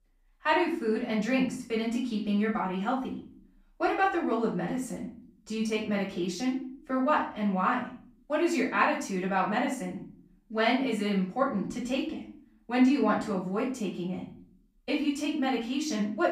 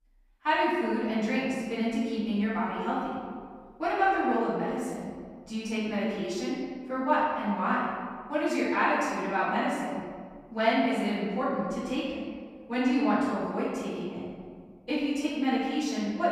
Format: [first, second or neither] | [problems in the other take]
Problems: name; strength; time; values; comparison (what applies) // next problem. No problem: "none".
first | room echo; strong; dies away in 1.6 s; slight in the first // off-mic speech; far; far in the first